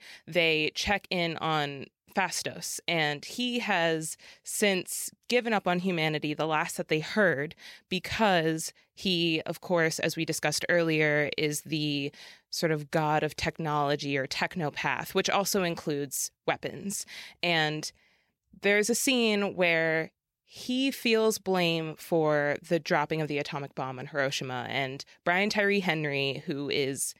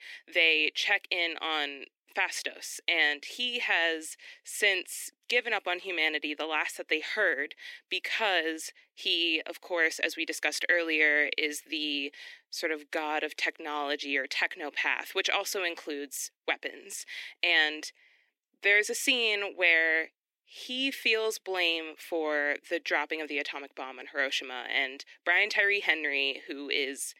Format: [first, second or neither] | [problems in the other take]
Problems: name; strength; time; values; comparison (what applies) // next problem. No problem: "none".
first | thin; somewhat; fading below 250 Hz